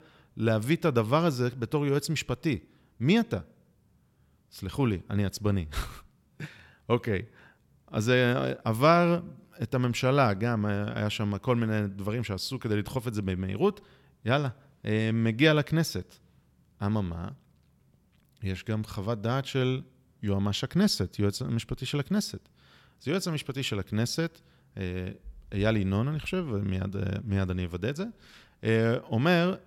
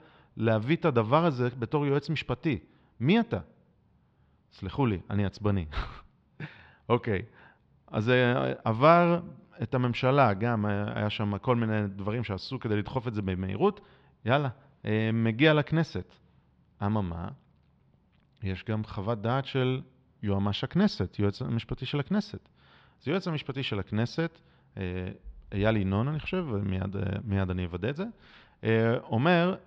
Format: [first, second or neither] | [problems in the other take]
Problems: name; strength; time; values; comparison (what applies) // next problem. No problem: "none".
first | muffled; slightly; fading above 4 kHz